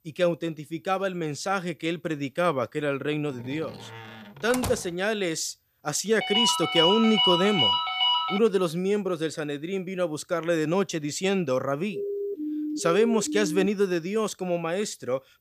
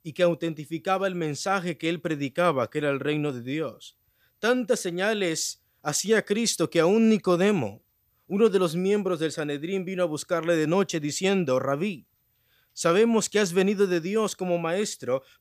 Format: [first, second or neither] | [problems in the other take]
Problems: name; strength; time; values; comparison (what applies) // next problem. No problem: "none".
second | door banging; noticeable; from 3.5 to 5 s; peak 6 dB below the speech // phone ringing; loud; from 6 to 8.5 s; peak 5 dB above the speech // siren; noticeable; from 12 to 14 s; peak 4 dB below the speech